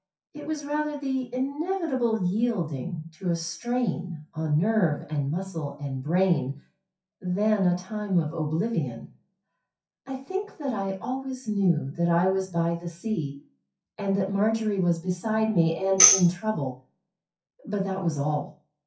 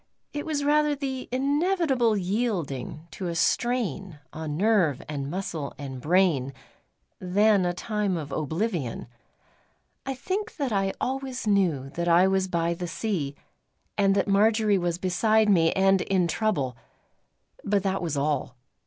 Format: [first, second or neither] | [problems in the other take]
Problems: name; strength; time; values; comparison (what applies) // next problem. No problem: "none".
second | noise reduction (classical method WPE with log-MMSE)